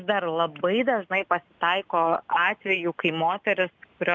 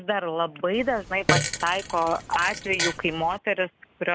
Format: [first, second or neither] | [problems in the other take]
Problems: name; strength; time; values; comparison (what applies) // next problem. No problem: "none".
first | background sound (Fart); 4 dB below the speech